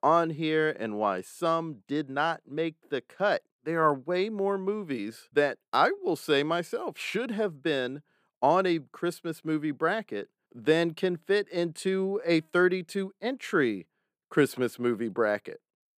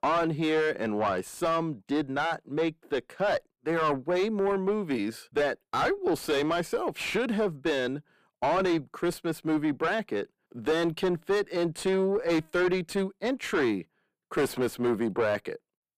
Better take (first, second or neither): first